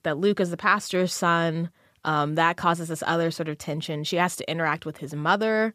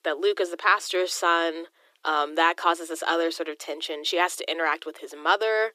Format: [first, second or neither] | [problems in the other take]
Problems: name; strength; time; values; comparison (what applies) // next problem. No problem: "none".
first | thin; very; fading below 300 Hz